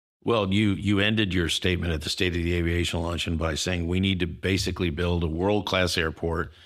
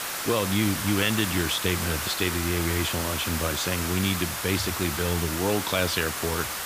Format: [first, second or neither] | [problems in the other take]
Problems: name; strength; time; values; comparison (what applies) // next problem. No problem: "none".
first | hiss; loud; throughout; 2 dB below the speech